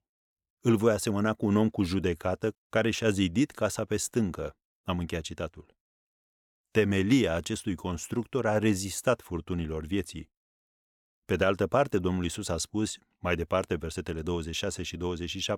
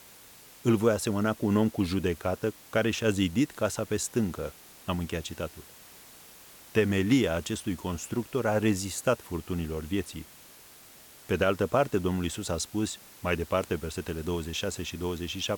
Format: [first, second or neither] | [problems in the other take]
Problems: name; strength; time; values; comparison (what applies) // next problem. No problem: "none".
first | hiss; noticeable; throughout; 20 dB below the speech